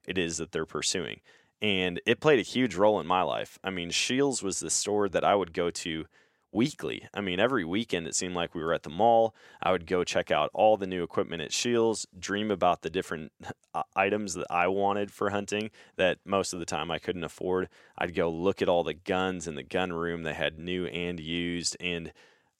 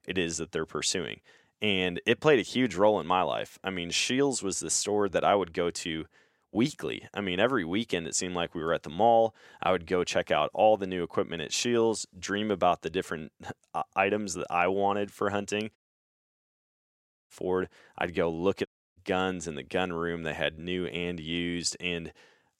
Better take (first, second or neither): first